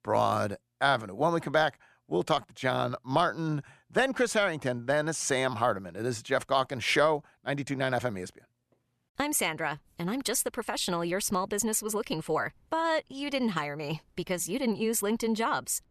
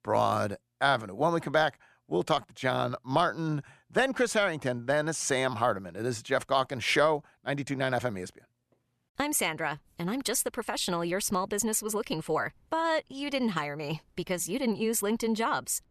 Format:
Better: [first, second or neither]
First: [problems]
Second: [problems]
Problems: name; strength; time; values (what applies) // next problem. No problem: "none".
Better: neither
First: none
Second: none